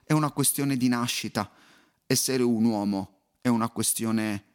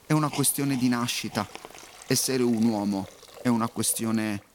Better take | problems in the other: first | hiss; noticeable; throughout; 20 dB below the speech

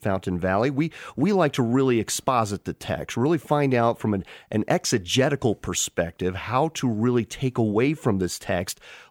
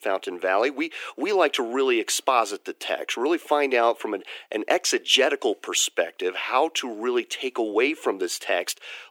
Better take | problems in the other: first | thin; somewhat; fading below 300 Hz

